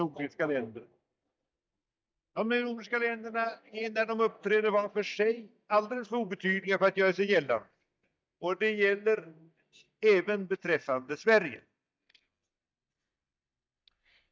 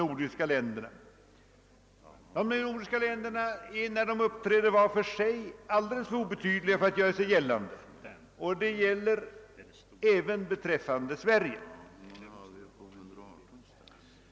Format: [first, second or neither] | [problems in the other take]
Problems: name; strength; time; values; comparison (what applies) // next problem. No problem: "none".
second | noise reduction (neural mask model DeepFilterNet 3)